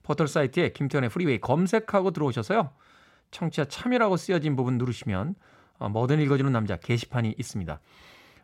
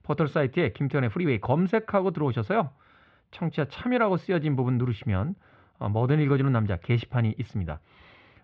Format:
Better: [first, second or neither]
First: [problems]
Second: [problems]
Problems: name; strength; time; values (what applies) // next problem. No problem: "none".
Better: first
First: none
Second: muffled; slightly; fading above 3.5 kHz